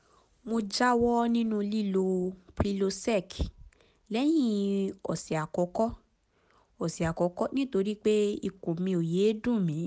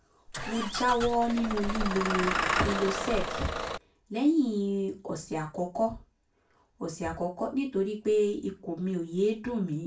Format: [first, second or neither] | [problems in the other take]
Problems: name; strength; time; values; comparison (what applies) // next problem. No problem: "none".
first | background sound (Engine starting / Bus); 2 dB below the speech // room echo; dies away in 0.2 s